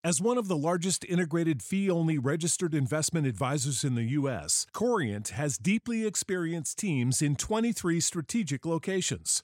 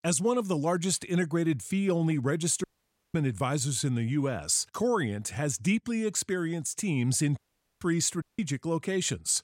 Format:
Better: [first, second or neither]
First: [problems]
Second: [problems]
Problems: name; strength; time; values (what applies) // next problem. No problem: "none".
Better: first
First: none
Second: audio cutting out; at 2.5 s for 0.5 s, at 7.5 s and at 8 s